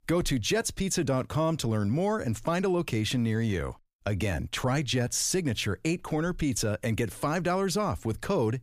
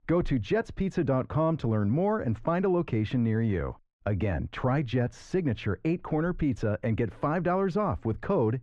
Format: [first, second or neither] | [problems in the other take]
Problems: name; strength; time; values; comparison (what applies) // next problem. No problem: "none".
first | muffled; very; fading above 1.5 kHz